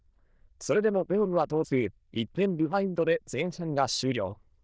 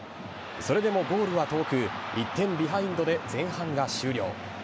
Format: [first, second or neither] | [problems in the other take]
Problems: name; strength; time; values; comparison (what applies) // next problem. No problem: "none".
second | noise reduction (neural diffusion model UNIVERSE++)